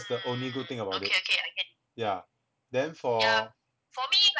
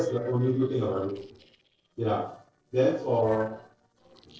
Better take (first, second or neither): first